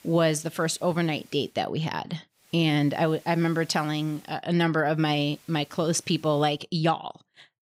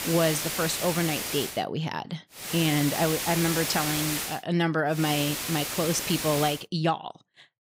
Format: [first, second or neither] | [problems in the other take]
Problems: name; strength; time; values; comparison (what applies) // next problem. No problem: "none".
first | hiss; loud; until 1.5 s, from 2.5 to 4.5 s and from 5 to 6.5 s; 3 dB below the speech; faint in the first